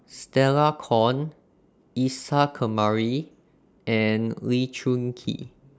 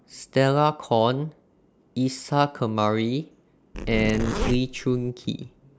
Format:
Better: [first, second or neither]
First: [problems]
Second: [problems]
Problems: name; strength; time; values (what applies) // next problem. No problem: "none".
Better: first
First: none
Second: background sound (Zipper (clothing)); 4 dB below the speech